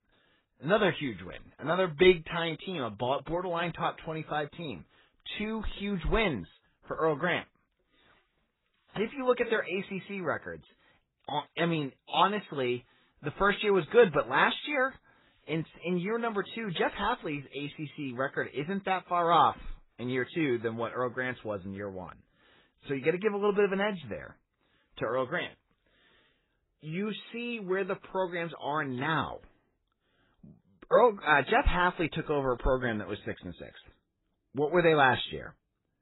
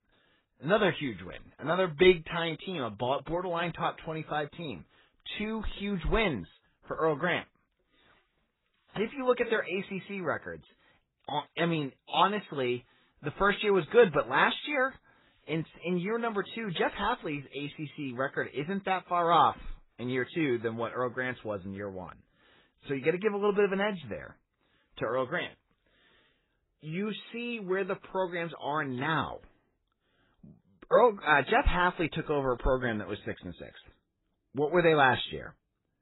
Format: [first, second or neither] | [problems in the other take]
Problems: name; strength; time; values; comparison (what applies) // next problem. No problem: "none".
neither | garbled, watery; badly; nothing above 4 kHz; the same in both